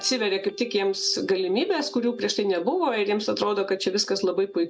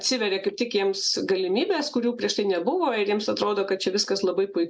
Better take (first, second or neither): second